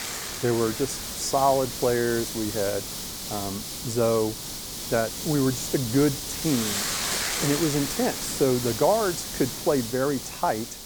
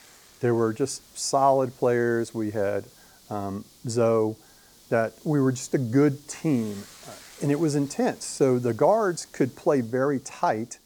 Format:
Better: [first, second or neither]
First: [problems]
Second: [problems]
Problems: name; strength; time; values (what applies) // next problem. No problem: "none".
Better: second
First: hiss; loud; throughout; 4 dB below the speech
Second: hiss; faint; throughout; 25 dB below the speech